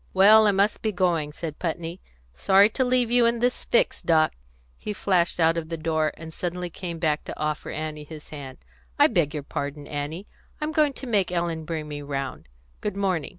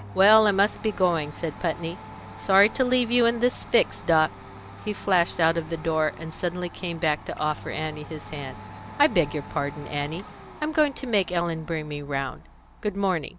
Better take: first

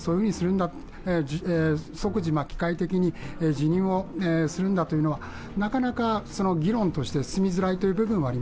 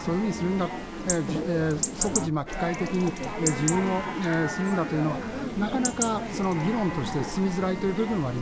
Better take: first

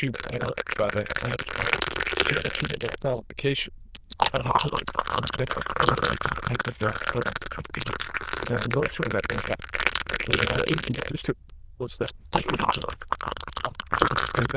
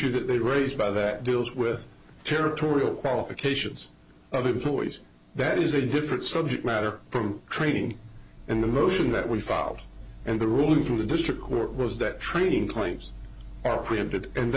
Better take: second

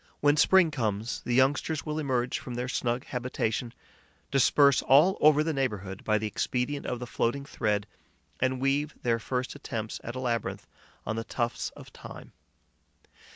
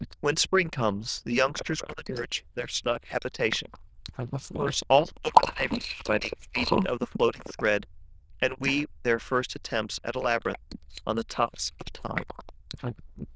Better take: first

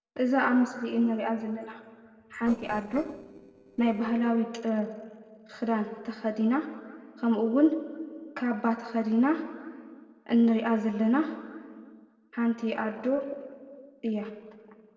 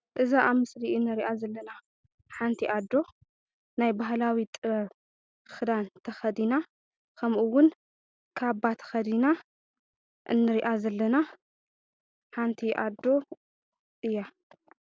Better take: second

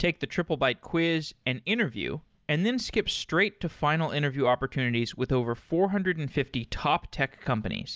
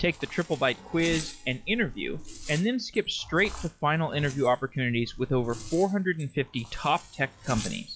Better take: first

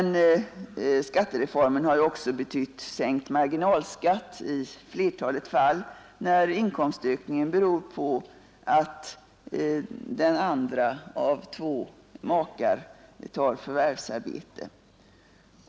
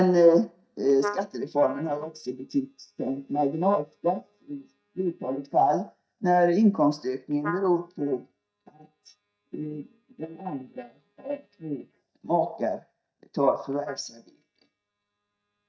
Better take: first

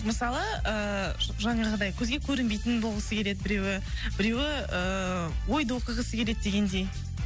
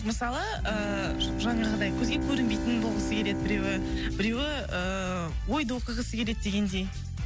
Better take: first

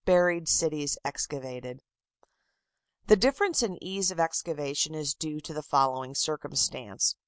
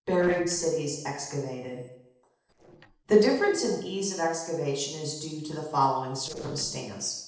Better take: first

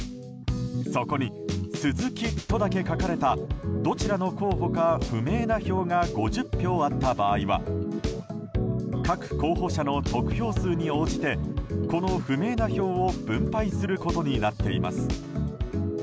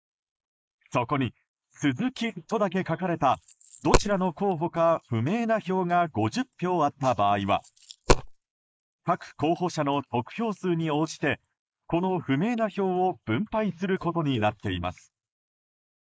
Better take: first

